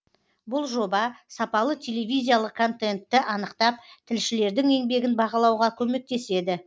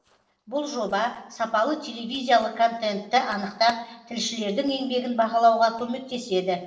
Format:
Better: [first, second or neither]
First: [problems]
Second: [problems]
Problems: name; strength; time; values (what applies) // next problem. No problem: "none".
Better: first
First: none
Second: noise reduction (neural separator model SepFormer DNS4)